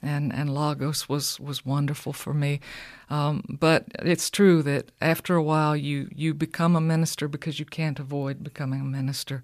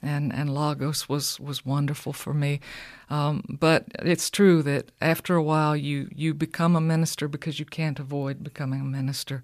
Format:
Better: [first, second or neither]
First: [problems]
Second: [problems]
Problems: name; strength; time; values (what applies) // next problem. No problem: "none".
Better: neither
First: none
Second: none